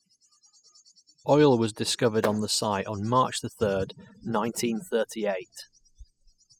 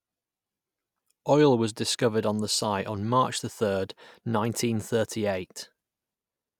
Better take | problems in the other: second | noise reduction (classical method spectral subtraction)

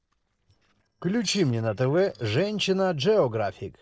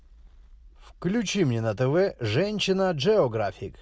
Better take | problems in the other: second | noise reduction (neural separator model SepFormer DNS4)

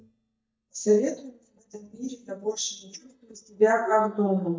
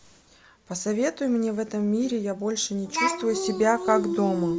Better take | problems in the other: second | noise reduction (neural mask model DeepFilterNet 3)

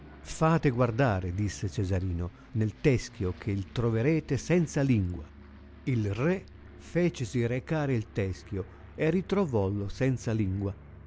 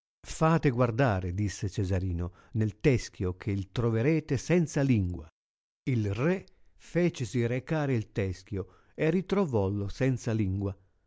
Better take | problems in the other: second | background sound (Musical instrument + Aircraft); 20 dB below the speech

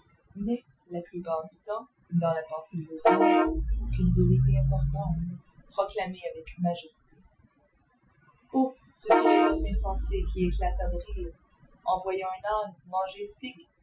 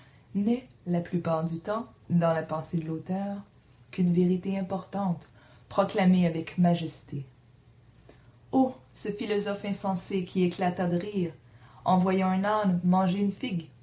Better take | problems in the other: second | noise reduction (classical method Wiener filter)

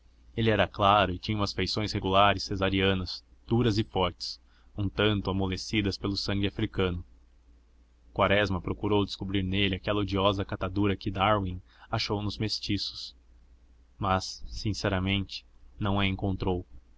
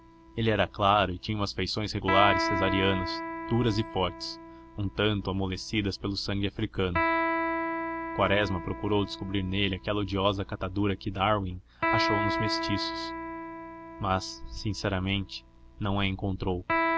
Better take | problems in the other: first | background sound (Electric guitar); 4 dB below the speech

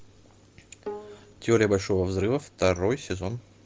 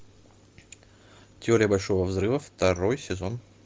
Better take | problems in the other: second | background sound (Bowed string instrument); 17 dB below the speech

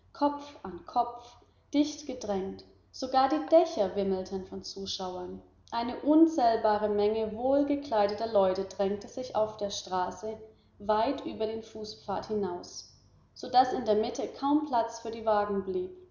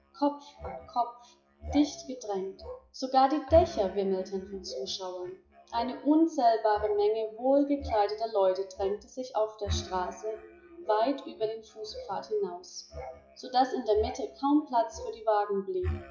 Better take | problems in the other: first | noise reduction (classical method WPE with log-MMSE)

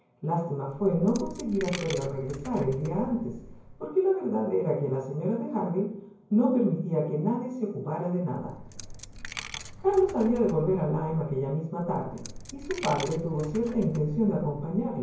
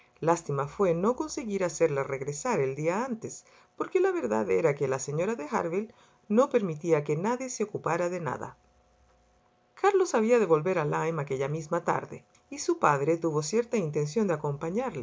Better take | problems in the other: second | background sound (Coin (dropping)); 14 dB below the speech // room echo; dies away in 0.9 s

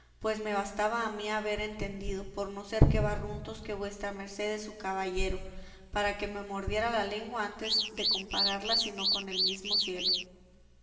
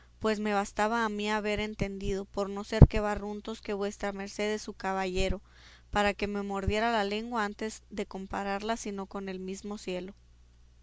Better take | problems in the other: second | background sound (Alarm / Car); 2 dB above the speech // room echo; dies away in 1.7 s

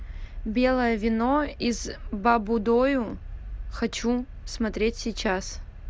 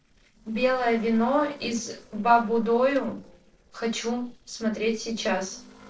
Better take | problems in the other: first | noise reduction (neural separator model SepFormer DNS4)

